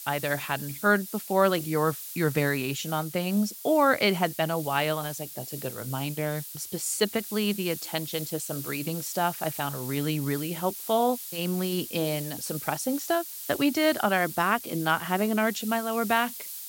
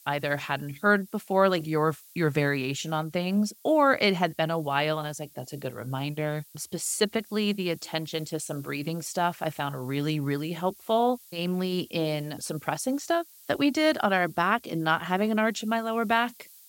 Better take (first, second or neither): second